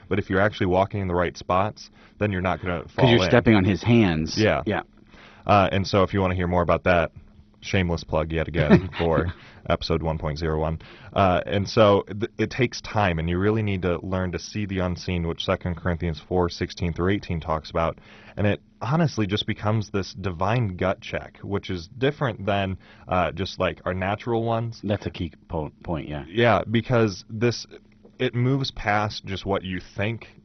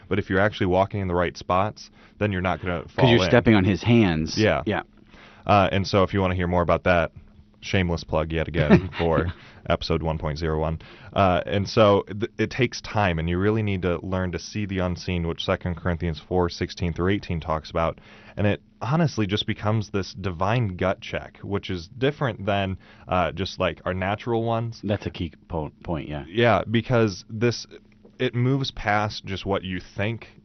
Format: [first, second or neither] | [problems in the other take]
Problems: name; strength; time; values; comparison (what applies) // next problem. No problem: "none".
second | garbled, watery; badly; nothing above 6 kHz; slightly in the second